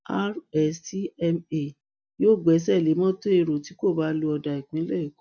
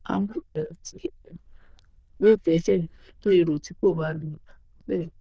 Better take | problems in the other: first | noise reduction (neural diffusion model UNIVERSE++)

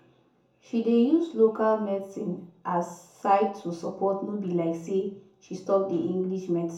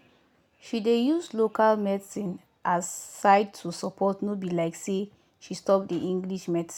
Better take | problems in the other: second | room echo; dies away in 0.6 s

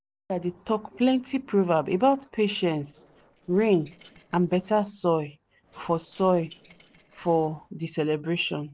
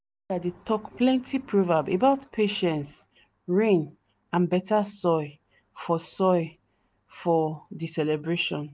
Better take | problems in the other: second | noise reduction (neural separator model SepFormer DNS4)

